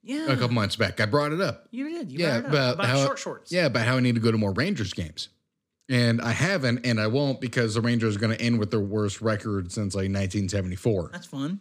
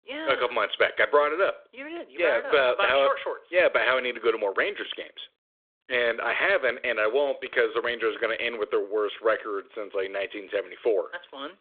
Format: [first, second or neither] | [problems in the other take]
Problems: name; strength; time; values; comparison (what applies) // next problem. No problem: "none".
first | phone-call audio